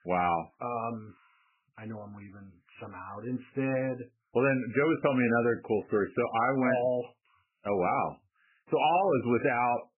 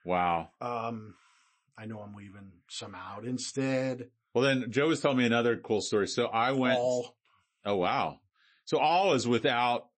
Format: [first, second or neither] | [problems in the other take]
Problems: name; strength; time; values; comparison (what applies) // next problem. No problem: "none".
second | garbled, watery; badly; nothing above 2.5 kHz; slightly in the second